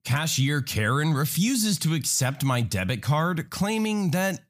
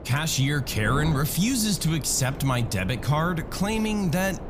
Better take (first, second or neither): first